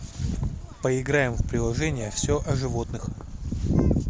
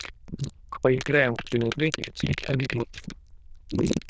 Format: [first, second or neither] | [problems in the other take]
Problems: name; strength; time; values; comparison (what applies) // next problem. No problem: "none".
first | noise reduction (neural diffusion model UNIVERSE++)